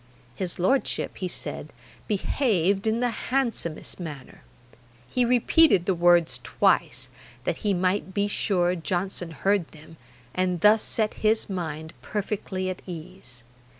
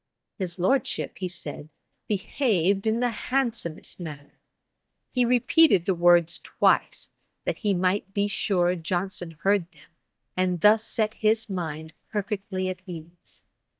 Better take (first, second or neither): first